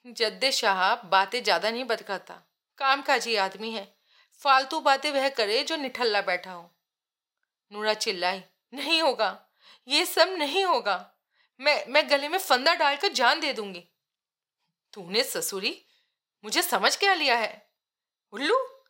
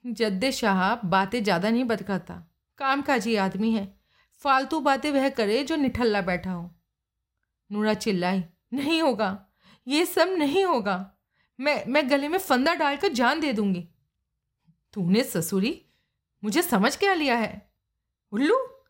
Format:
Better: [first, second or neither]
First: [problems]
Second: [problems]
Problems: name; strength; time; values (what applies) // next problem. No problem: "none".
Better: second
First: thin; very; fading below 600 Hz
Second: none